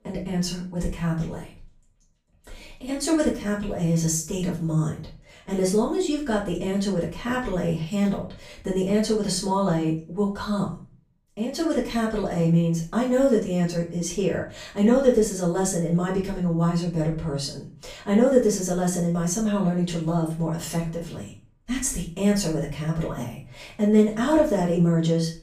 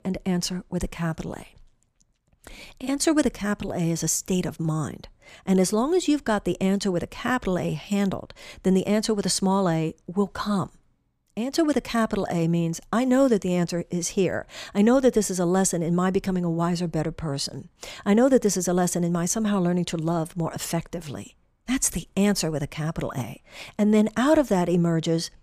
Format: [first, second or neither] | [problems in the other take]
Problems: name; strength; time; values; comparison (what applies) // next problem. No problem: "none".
second | room echo; slight; dies away in 0.3 s // off-mic speech; far